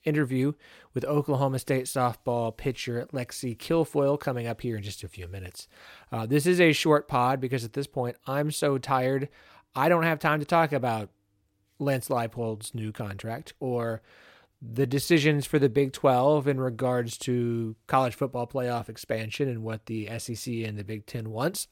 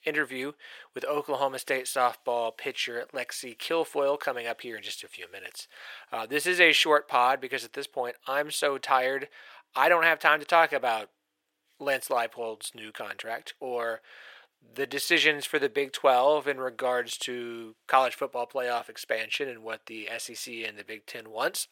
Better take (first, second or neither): first